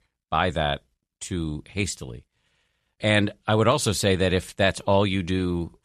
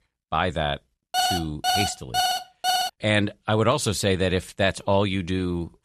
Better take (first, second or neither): first